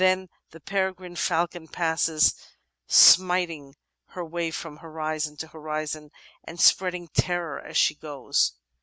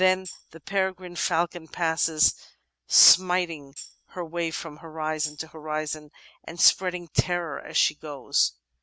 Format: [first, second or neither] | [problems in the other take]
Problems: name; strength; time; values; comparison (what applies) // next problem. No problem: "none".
first | background sound (Tambourine); 19 dB below the speech